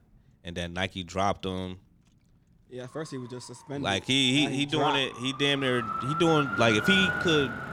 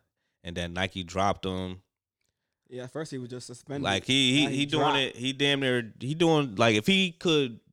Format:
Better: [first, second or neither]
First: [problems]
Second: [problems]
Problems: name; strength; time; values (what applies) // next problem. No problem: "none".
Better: second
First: traffic noise; loud; throughout; 4 dB below the speech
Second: none